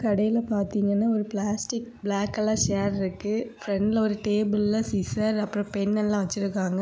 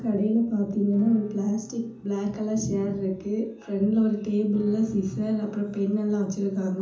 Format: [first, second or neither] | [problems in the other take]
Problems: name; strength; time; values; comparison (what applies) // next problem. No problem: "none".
first | background sound (Acoustic guitar / Strum); 20 dB below the speech // room echo; dies away in 0.6 s